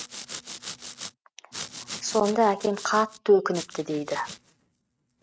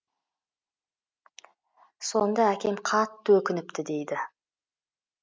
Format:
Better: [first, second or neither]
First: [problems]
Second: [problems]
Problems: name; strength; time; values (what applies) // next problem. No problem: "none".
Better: second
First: noise reduction (neural mask model RNNoise)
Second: none